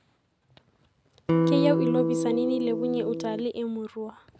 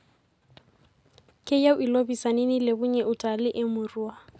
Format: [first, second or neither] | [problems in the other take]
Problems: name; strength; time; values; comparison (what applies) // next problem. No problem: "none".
second | background sound (Electric guitar); 4 dB above the speech